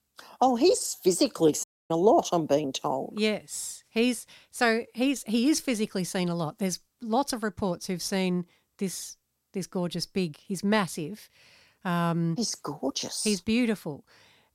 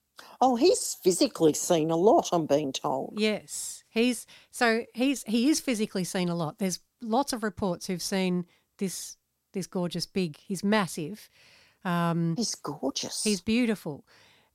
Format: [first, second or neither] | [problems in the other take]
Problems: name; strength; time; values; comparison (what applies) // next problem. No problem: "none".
second | audio cutting out; at 1.5 s